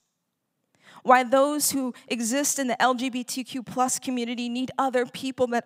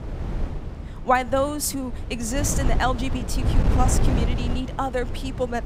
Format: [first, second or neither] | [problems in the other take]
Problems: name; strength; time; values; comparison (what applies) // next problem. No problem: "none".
first | wind noise on the microphone; heavy; 10 dB below the speech